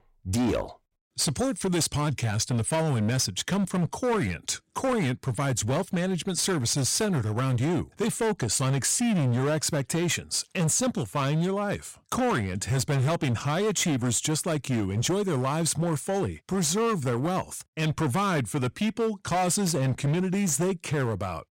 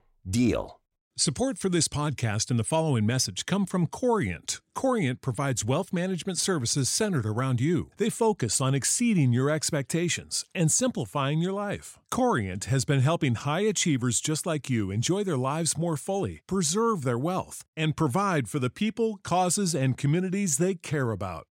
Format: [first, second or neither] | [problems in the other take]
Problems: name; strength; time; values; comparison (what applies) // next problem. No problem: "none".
second | distortion; slight; 19% of the sound clipped